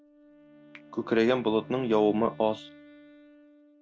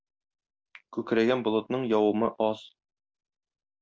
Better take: second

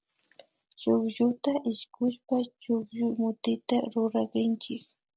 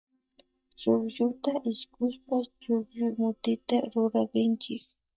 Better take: first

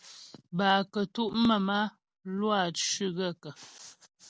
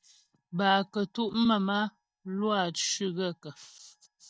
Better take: first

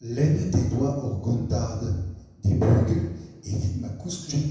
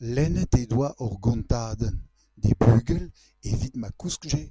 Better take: second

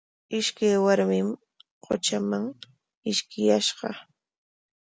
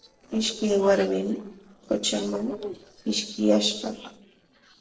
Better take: first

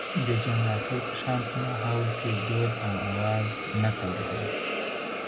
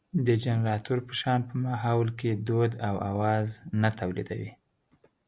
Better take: second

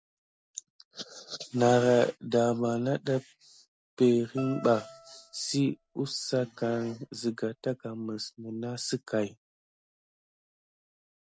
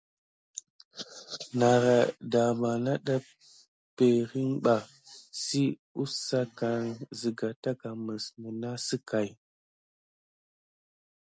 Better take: second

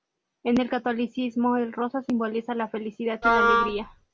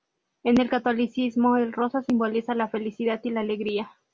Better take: second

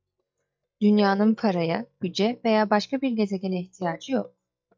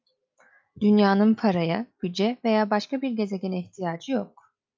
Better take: second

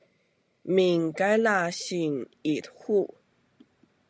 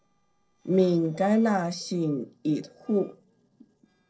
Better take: first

